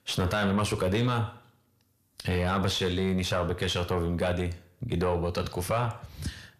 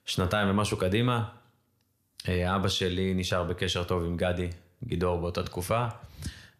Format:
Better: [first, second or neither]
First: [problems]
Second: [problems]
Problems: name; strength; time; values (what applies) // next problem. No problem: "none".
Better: second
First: distortion; slight; 10 dB below the speech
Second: none